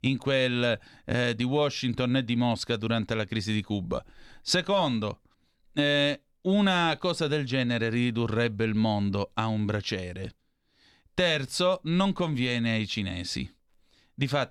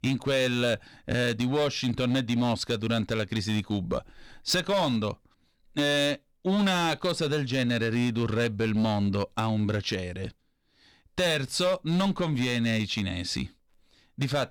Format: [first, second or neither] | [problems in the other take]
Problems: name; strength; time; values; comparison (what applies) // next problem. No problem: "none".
first | distortion; slight; 8% of the sound clipped